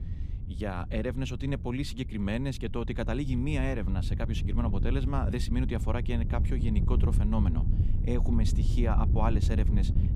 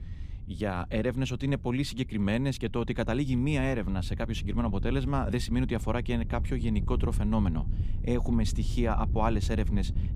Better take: second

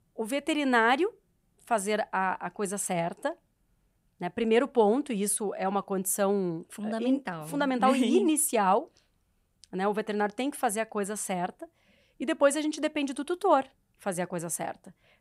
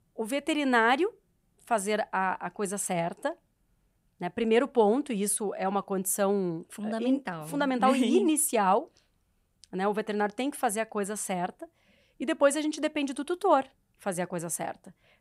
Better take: neither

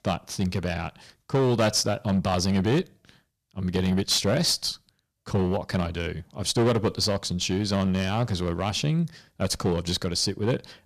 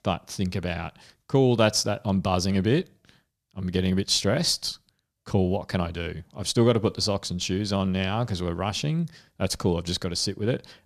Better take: second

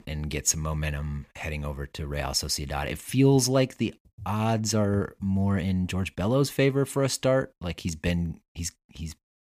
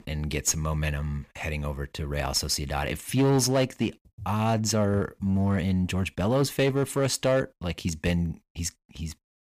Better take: first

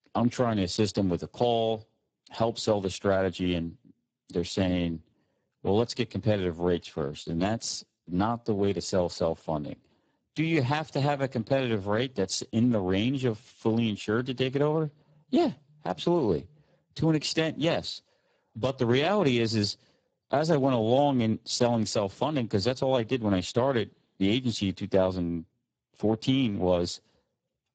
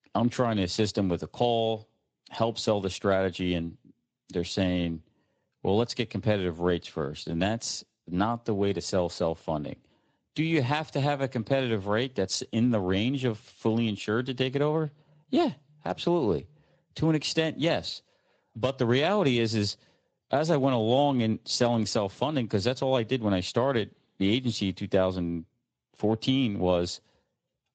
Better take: second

